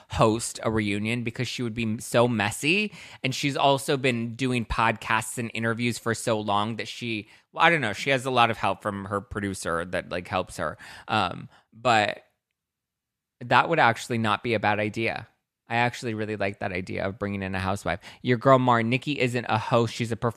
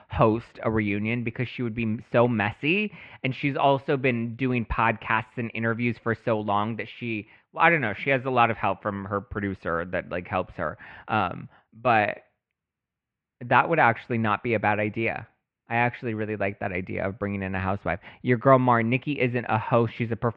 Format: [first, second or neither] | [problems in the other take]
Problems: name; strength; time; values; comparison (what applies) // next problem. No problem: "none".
first | muffled; very; fading above 2.5 kHz